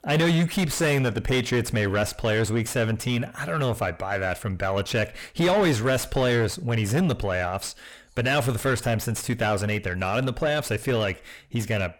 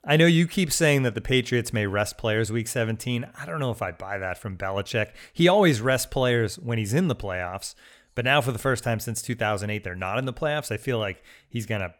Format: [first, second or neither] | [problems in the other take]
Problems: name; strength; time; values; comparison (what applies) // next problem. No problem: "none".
second | distortion; heavy; 6 dB below the speech